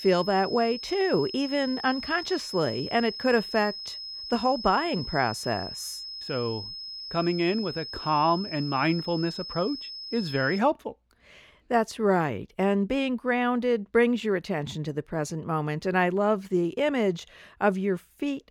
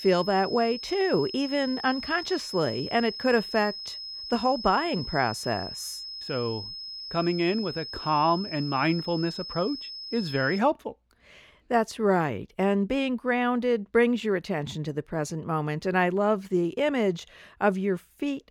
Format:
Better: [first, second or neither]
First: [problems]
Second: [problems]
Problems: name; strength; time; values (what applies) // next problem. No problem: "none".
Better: neither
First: high-pitched whine; loud; until 11 s; 5 kHz, 9 dB below the speech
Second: high-pitched whine; loud; until 11 s; 5 kHz, 9 dB below the speech